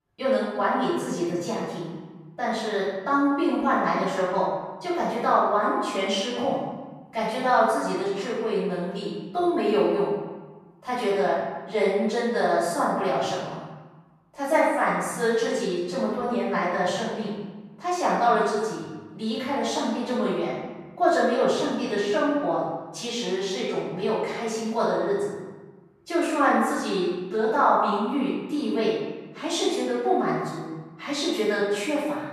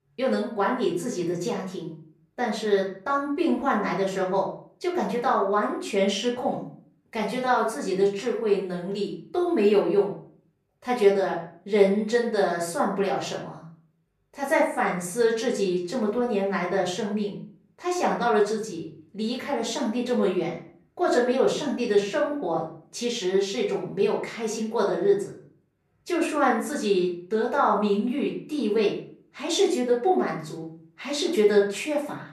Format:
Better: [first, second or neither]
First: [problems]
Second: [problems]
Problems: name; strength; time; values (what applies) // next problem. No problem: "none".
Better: second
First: room echo; strong; dies away in 1.1 s // off-mic speech; far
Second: room echo; slight; dies away in 0.4 s // off-mic speech; far